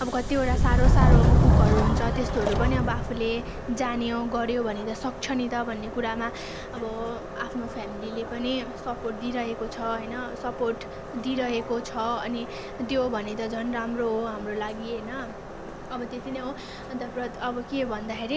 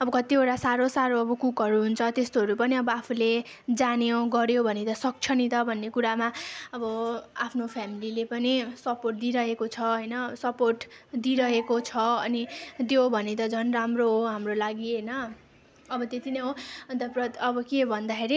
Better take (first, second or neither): second